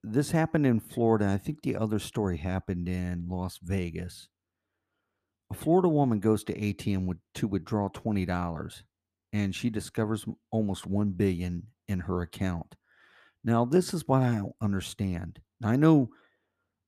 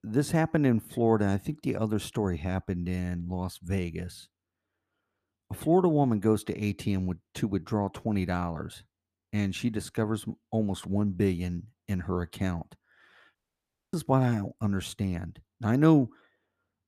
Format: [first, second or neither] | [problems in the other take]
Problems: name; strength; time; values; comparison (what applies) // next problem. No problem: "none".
first | audio cutting out; at 13 s for 0.5 s